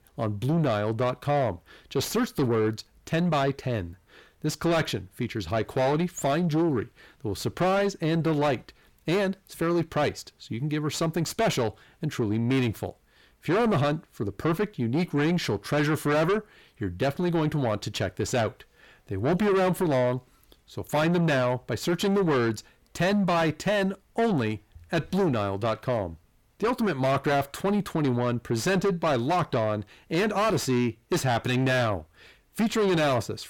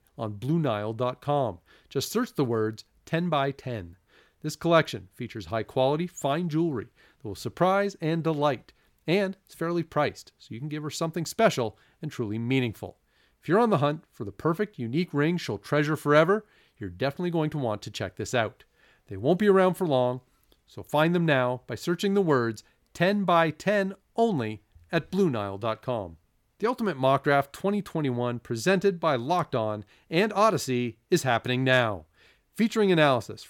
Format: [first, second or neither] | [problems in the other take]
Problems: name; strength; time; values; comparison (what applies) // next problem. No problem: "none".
second | distortion; heavy; 6 dB below the speech